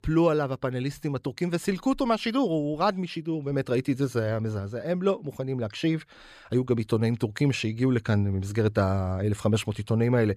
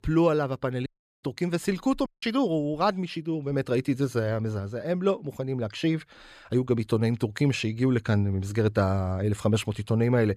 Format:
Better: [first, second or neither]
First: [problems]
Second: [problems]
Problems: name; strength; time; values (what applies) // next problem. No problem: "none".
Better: first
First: none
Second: audio cutting out; at 1 s and at 2 s